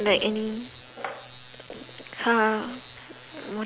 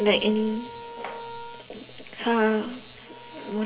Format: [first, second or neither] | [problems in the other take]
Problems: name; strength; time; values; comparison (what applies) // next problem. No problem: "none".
first | background sound (Wind instrument, woodwind instrument); 16 dB below the speech // room echo; dies away in 1.3 s